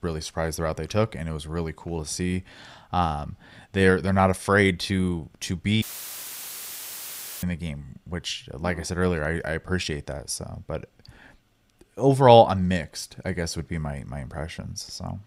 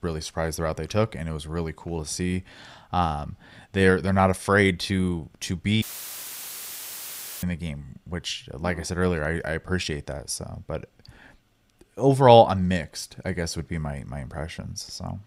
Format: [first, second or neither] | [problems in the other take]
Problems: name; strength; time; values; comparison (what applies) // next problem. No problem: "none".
neither | audio cutting out; filled with static; at 6 s for 1.5 s; the same in both